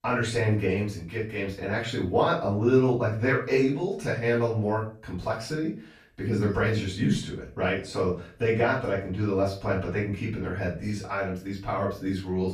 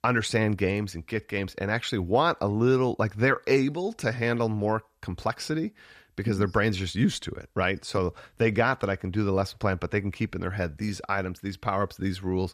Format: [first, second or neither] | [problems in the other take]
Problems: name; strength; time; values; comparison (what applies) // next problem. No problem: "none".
second | off-mic speech; far // room echo; noticeable; dies away in 0.3 s